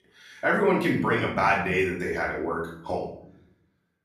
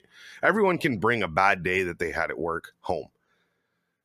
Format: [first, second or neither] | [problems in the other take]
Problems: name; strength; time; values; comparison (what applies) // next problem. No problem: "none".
second | off-mic speech; far // room echo; noticeable; dies away in 0.6 s